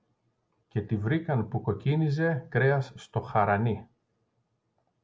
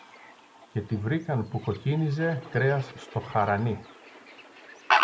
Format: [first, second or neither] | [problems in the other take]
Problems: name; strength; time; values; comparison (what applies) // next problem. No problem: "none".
first | background sound (Fowl); 4 dB below the speech